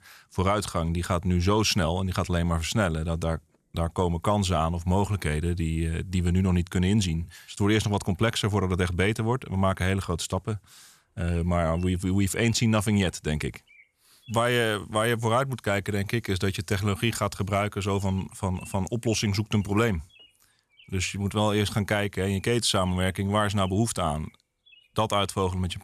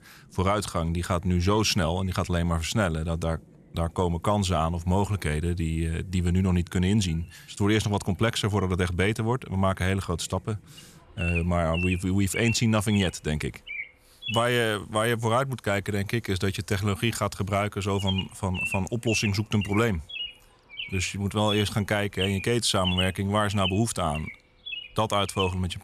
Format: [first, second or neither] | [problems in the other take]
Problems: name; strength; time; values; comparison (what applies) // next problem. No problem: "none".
first | animal sounds; loud; throughout; 8 dB below the speech; faint in the first